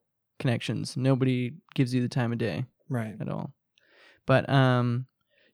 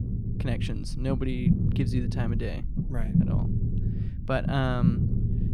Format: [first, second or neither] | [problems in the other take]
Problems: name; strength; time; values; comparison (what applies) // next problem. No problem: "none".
first | low rumble; loud; throughout; 4 dB below the speech